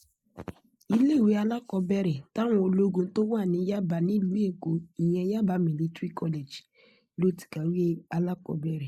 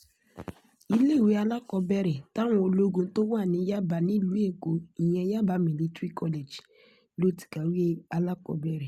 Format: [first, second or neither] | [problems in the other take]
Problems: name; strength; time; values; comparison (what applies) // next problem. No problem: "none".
second | noise reduction (neural mask model Resemble Enhance denoiser)